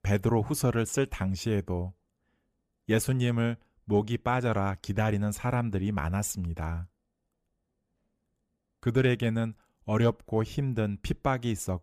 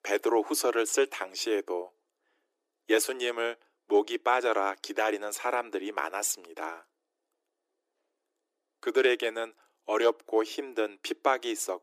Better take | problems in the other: first | thin; very; fading below 300 Hz

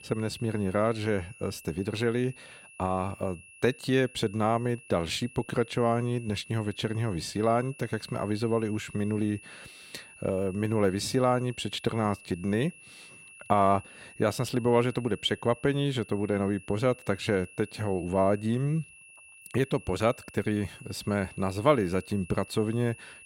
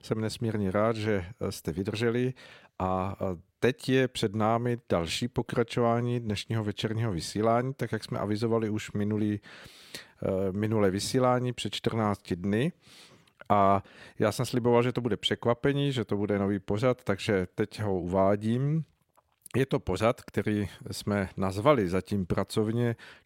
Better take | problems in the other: second | high-pitched whine; noticeable; throughout; 2.5 kHz, 20 dB below the speech

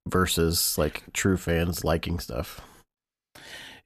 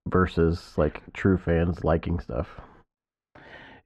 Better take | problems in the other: first | muffled; very; fading above 1.5 kHz

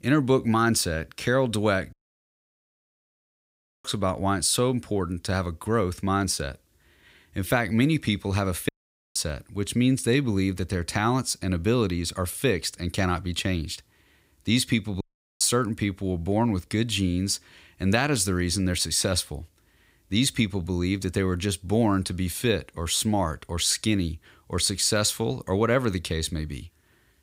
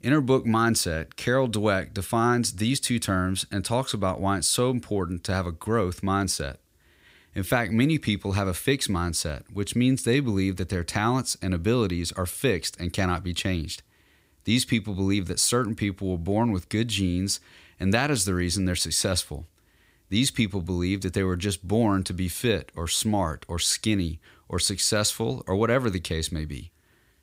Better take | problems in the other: second | audio cutting out; at 2 s for 2 s, at 8.5 s and at 15 s

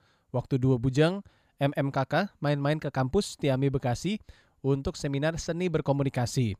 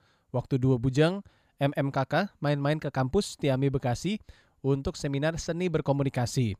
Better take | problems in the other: neither | none

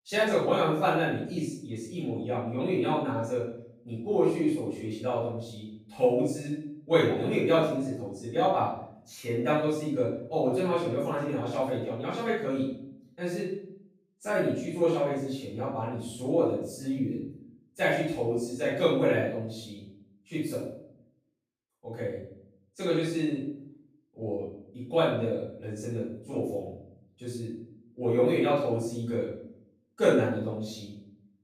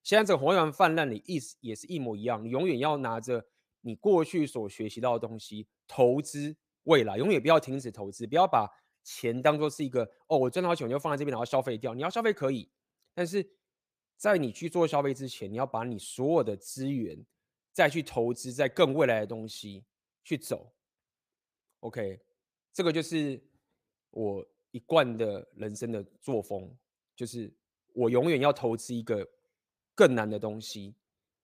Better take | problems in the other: second | off-mic speech; far // room echo; noticeable; dies away in 0.6 s

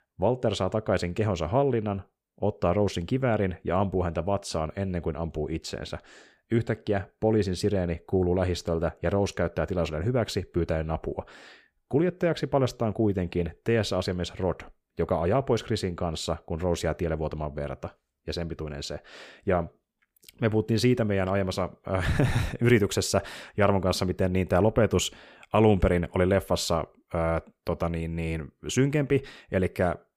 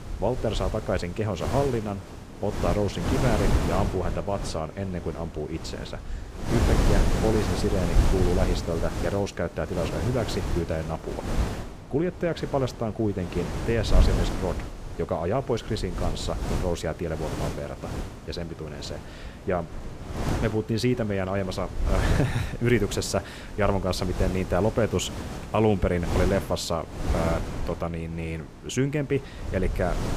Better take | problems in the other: first | wind noise on the microphone; heavy; 6 dB below the speech

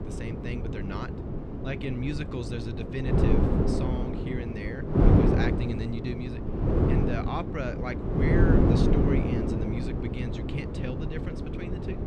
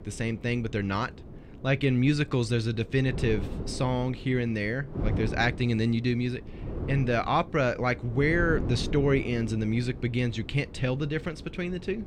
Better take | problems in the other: second | wind noise on the microphone; heavy; 4 dB above the speech; occasional gusts in the second

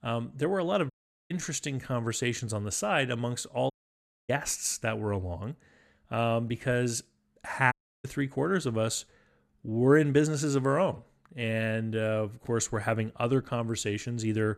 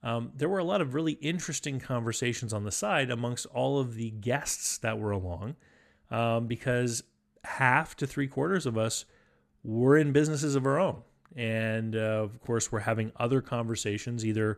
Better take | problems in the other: second | audio cutting out; at 1 s, at 3.5 s for 0.5 s and at 7.5 s

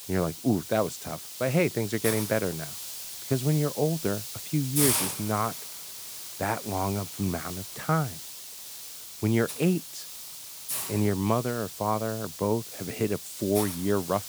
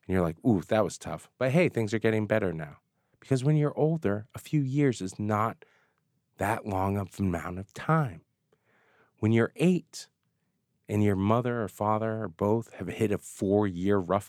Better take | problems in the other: second | hiss; loud; throughout; 5 dB below the speech

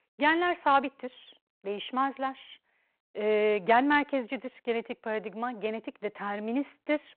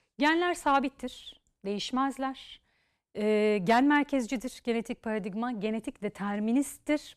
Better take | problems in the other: second | phone-call audio

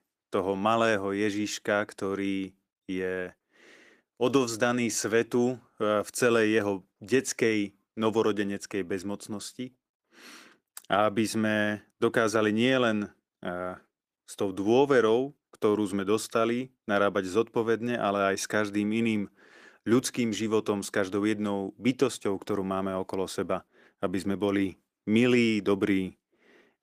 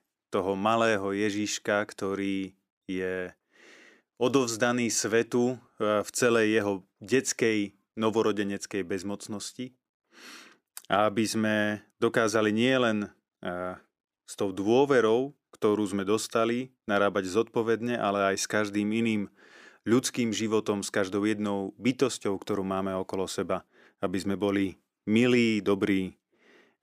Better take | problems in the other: second | garbled, watery; slightly; nothing above 15 kHz

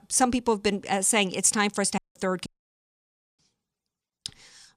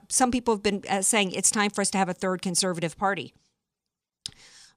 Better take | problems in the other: second | audio cutting out; at 2 s and at 2.5 s for 1 s

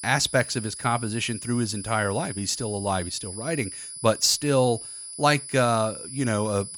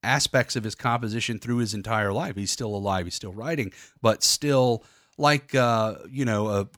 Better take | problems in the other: second | high-pitched whine; noticeable; throughout; 10 kHz, 10 dB below the speech

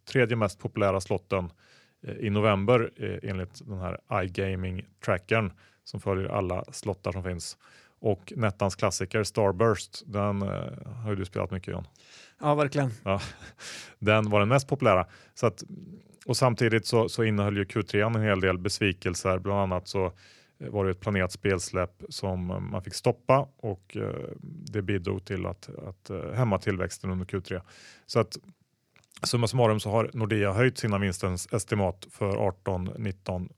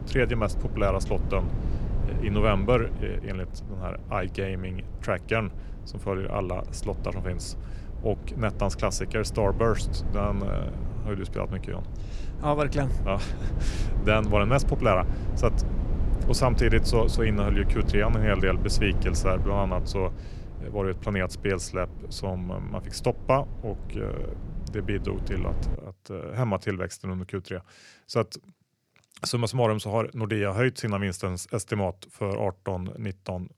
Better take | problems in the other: first | low rumble; noticeable; until 26 s; 15 dB below the speech

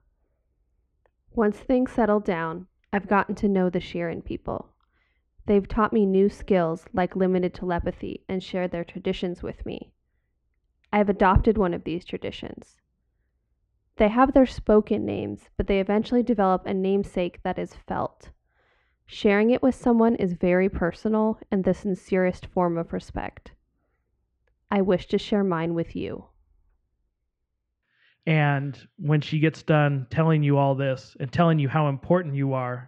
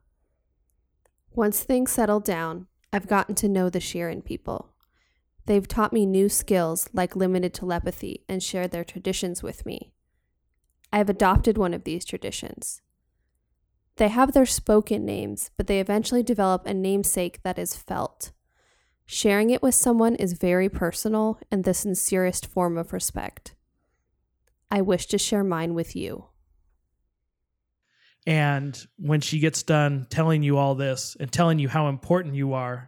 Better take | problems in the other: second | muffled; very; fading above 3 kHz

